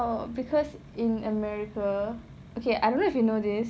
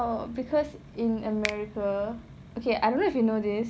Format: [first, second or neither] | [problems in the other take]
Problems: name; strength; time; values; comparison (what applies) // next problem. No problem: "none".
first | background sound (Finger snapping); 15 dB below the speech